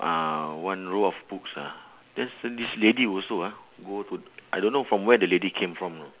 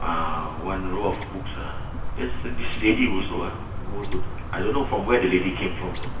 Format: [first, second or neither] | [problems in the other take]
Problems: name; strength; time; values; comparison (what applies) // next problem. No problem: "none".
first | background sound (Chirp, tweet); as loud as the speech // room echo; dies away in 1 s